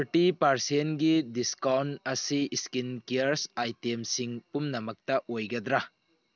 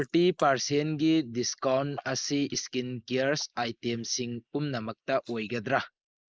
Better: first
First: none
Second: noise reduction (neural mask model Resemble Enhance denoiser)

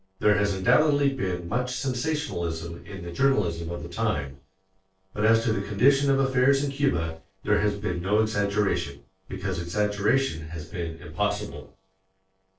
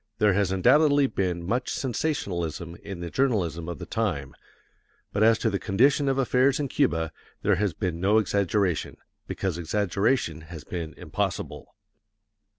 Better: second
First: noise reduction (neural separator model SepFormer DNS4)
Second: none

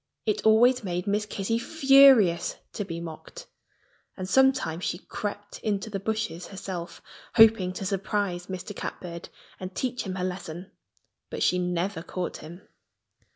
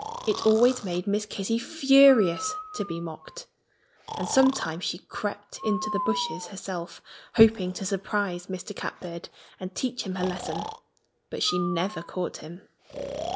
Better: first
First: none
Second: background sound (Breathing); 11 dB below the speech

